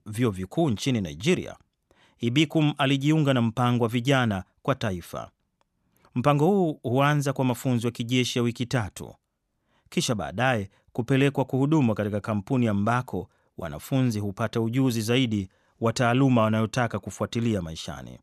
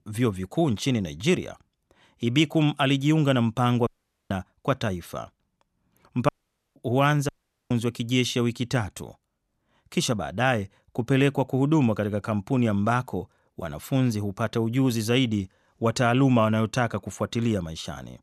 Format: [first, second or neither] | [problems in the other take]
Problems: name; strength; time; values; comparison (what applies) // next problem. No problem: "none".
first | audio cutting out; at 4 s, at 6.5 s and at 7.5 s